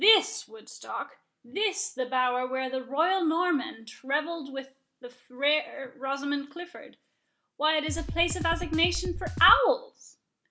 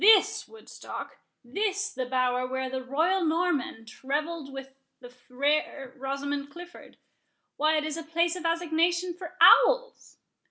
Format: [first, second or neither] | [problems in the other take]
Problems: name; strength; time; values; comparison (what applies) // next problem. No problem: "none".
second | background sound (Drum kit); 5 dB below the speech